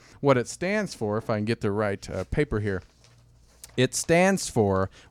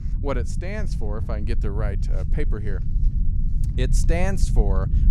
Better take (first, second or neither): first